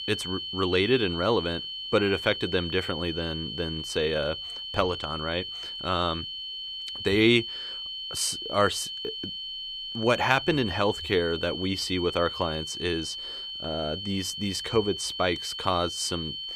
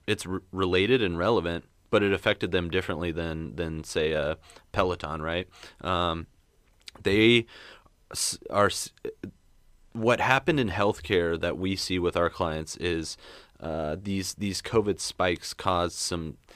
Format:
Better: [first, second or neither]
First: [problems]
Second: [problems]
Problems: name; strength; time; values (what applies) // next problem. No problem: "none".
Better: second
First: high-pitched whine; loud; throughout; 3 kHz, 6 dB below the speech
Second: none